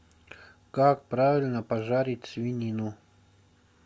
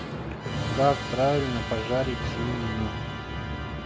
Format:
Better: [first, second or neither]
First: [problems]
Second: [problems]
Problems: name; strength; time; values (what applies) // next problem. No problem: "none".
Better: first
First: none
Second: background sound (Musical instrument); 2 dB below the speech